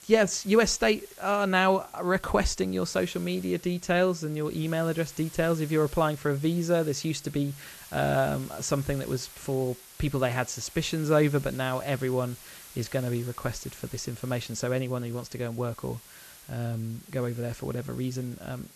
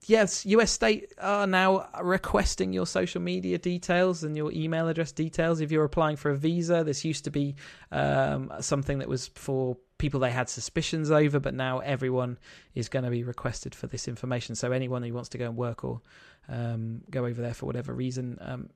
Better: second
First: hiss; noticeable; throughout; 20 dB below the speech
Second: none

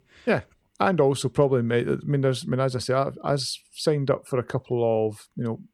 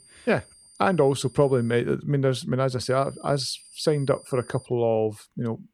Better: first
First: none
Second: high-pitched whine; faint; until 2 s and from 3 to 4.5 s; 9 kHz, 25 dB below the speech

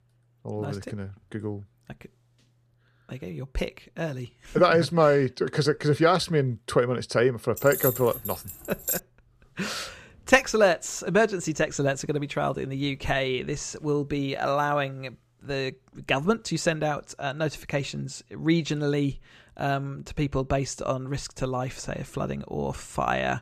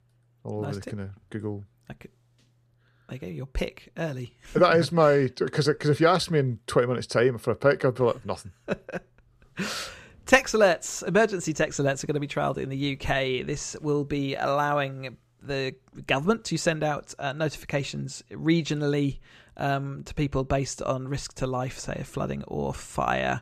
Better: second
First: jangling keys; noticeable; from 7.5 to 9 s; peak 2 dB below the speech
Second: none

